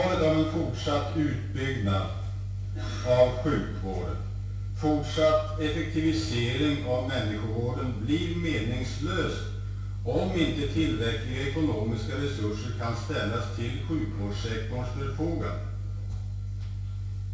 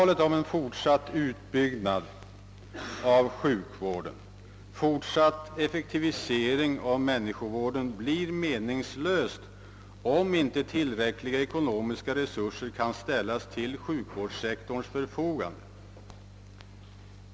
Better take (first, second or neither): second